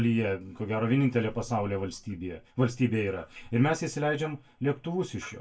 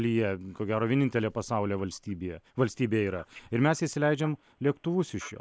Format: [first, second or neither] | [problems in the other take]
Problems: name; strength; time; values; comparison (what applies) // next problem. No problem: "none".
second | room echo; dies away in 0.2 s